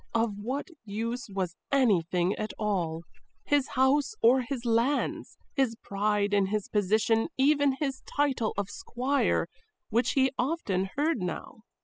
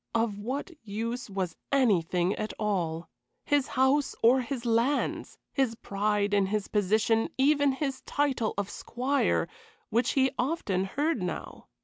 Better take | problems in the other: second | noise reduction (classical method spectral subtraction)

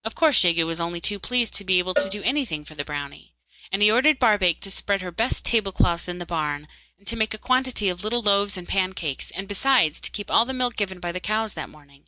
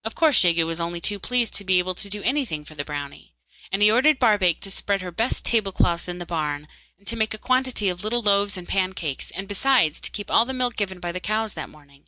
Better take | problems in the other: second | background sound (Cowbell); 9 dB below the speech

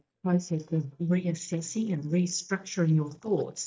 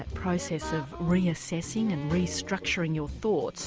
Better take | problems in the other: second | noise reduction (neural mask model DeepFilterNet 3)

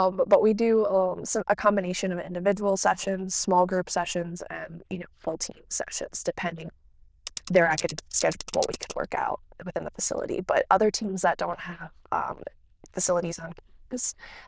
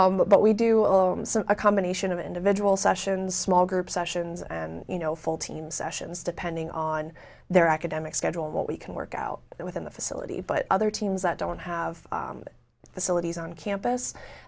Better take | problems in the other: second | noise reduction (neural diffusion model UNIVERSE++)

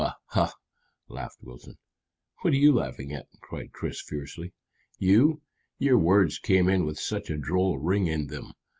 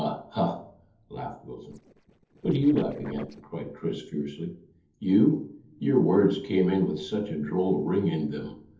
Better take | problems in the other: first | noise reduction (neural separator model SepFormer DNS4)

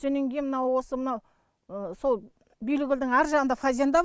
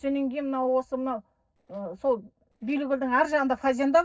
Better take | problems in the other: first | noise reduction (neural separator model SepFormer DNS4)

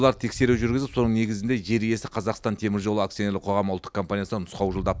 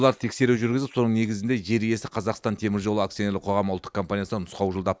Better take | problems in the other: first | noise reduction (neural mask model Resemble Enhance denoiser)

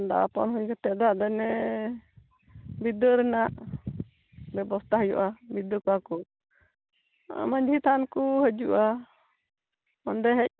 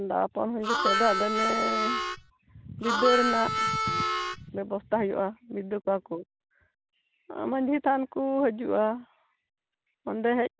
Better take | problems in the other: first | background sound (Harmonica); 2 dB above the speech

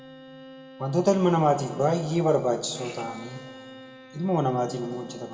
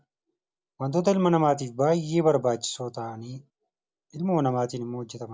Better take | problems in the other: second | background sound (Bowed string instrument); 19 dB below the speech // room echo; dies away in 2 s

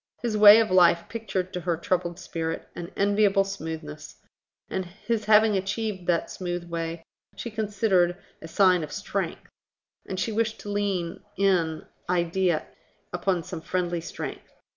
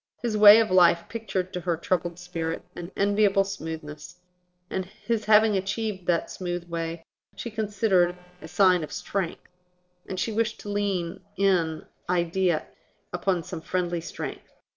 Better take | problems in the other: first | noise reduction (neural separator model SepFormer DNS4)

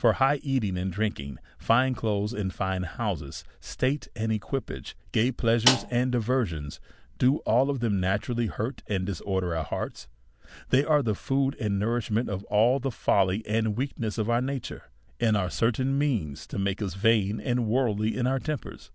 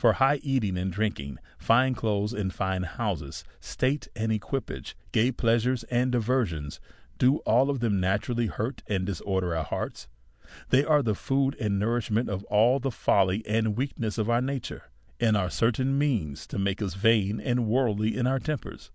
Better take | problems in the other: second | background sound (Snare drum); 3 dB below the speech

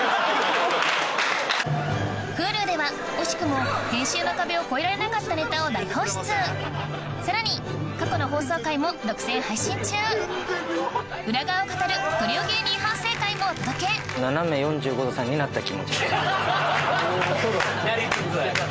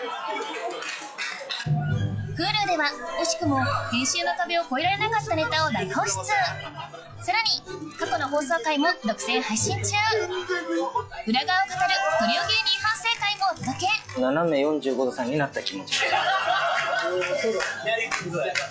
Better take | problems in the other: first | noise reduction (classical method log-MMSE)

